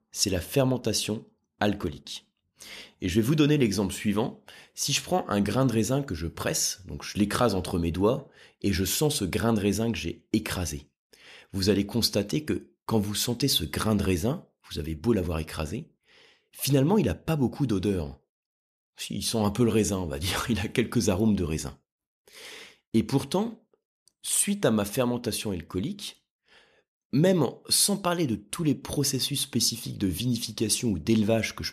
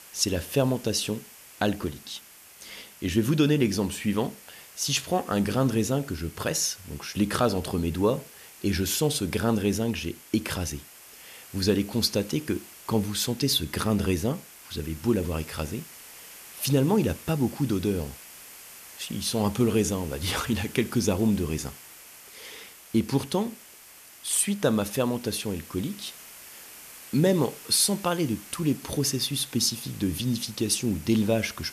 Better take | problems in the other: first | hiss; noticeable; throughout; 20 dB below the speech

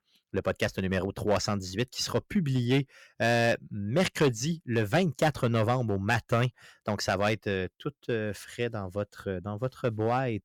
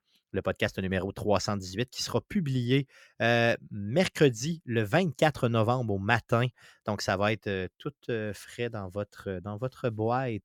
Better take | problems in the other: second | distortion; slight; 3% of the sound clipped

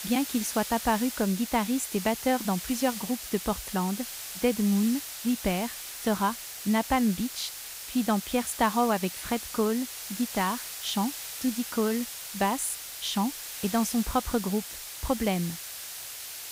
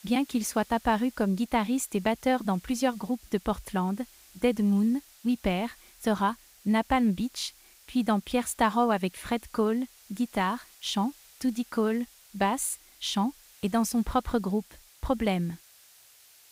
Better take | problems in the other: second | hiss; loud; throughout; 7 dB below the speech; faint in the second

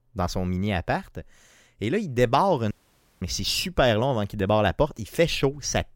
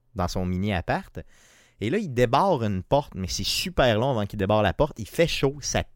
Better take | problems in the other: second | audio cutting out; at 2.5 s for 0.5 s

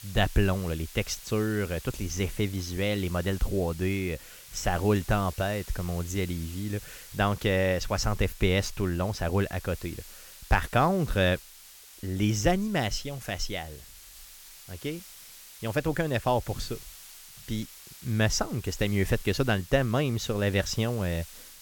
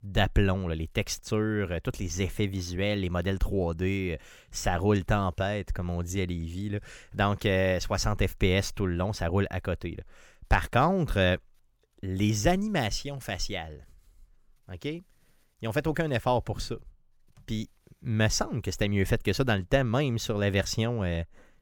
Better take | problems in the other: second | hiss; noticeable; throughout; 15 dB below the speech

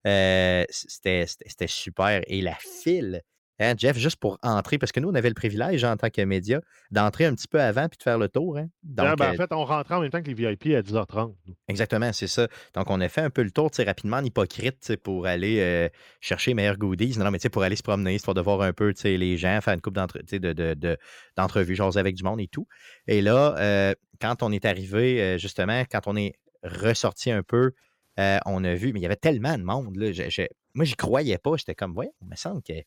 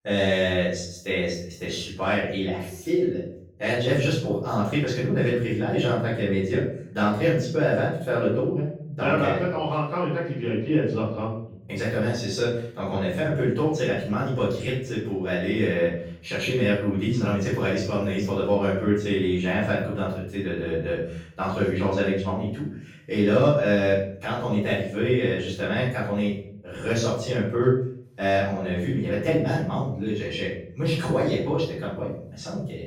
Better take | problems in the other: first | room echo; noticeable; dies away in 0.5 s // off-mic speech; far

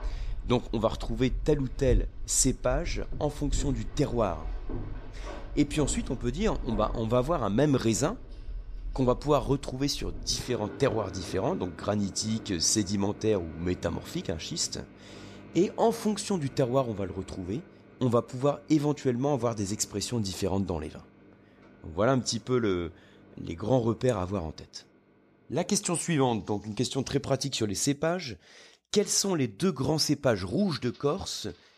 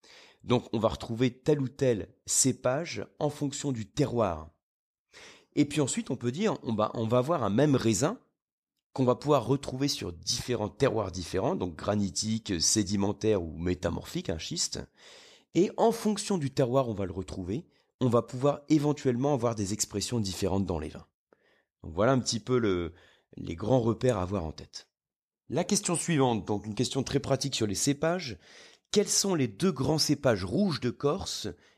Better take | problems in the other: second | household noises; noticeable; throughout; 15 dB below the speech

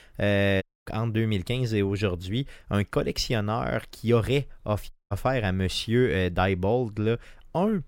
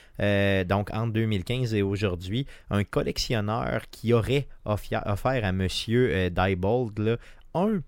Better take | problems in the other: second | audio cutting out; at 0.5 s and at 5 s

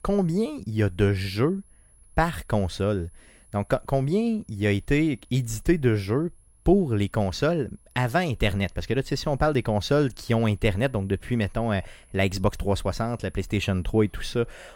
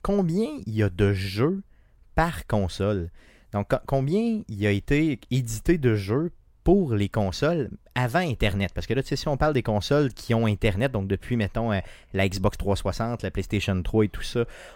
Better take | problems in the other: second | high-pitched whine; faint; throughout; 10.5 kHz, 30 dB below the speech

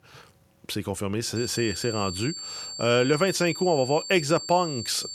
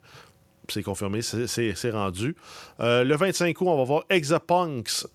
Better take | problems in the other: second | high-pitched whine; loud; from 1.5 s on; 4.5 kHz, 9 dB below the speech

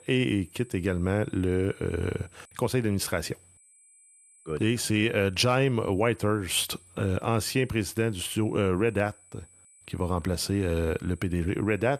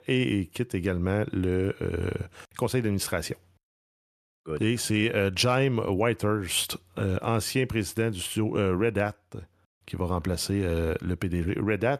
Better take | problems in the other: second | high-pitched whine; faint; throughout; 8 kHz, 25 dB below the speech

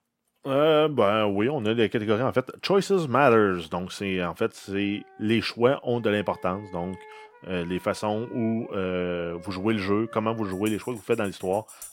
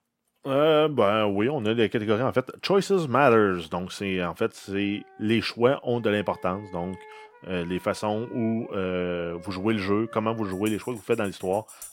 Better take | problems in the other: neither | background music; faint; from 4.5 s on; 20 dB below the speech; the same in both

